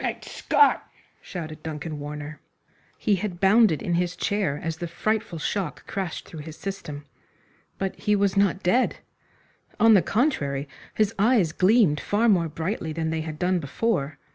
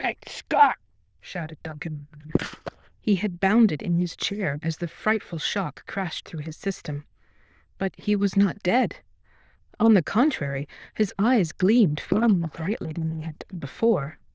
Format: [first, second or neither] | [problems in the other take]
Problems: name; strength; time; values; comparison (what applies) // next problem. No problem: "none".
first | noise reduction (neural diffusion model UNIVERSE++)